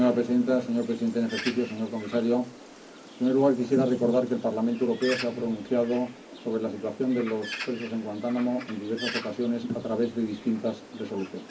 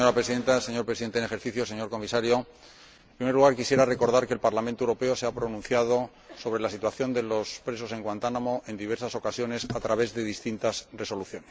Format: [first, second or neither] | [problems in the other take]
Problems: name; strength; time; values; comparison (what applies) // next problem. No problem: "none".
second | background sound (Bird); 14 dB below the speech // room echo; dies away in 0.4 s